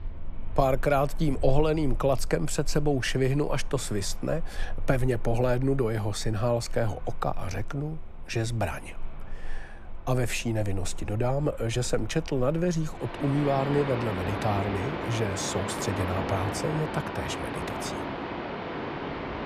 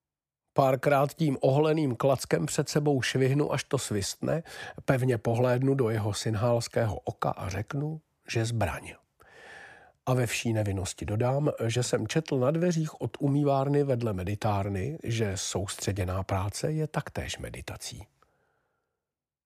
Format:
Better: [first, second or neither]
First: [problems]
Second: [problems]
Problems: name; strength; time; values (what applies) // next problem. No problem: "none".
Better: second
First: rain or running water; loud; throughout; 8 dB below the speech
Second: none